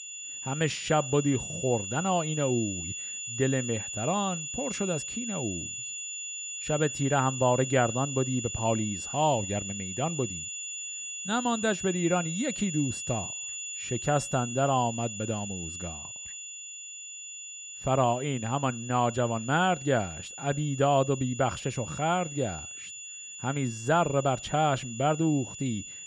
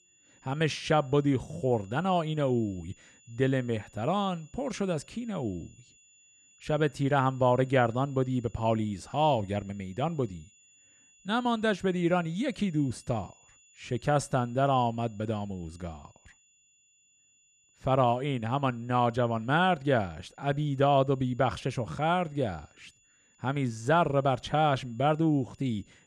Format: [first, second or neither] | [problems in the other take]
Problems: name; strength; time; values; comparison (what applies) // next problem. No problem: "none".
second | high-pitched whine; loud; throughout; 7 kHz, 7 dB below the speech; faint in the second